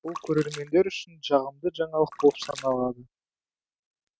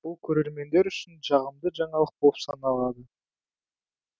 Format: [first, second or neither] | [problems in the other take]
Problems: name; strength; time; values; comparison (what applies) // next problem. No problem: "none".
second | noise reduction (neural mask model RNNoise)